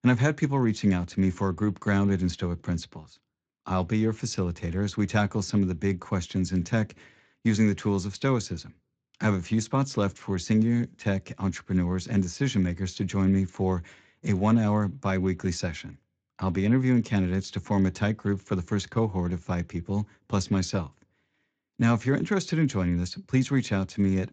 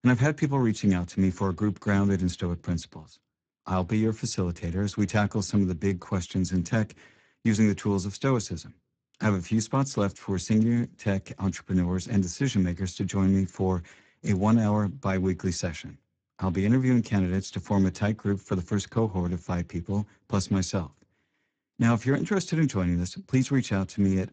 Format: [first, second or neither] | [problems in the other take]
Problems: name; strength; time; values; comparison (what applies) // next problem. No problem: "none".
first | garbled, watery; badly; nothing above 7.5 kHz; slightly in the first